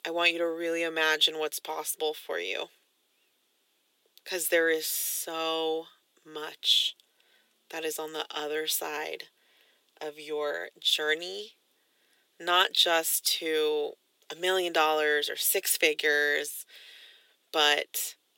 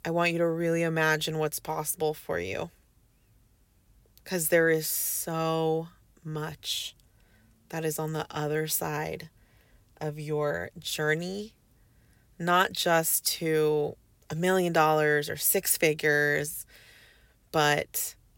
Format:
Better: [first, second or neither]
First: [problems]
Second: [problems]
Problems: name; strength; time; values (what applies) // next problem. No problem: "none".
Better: second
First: thin; very; fading below 350 Hz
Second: none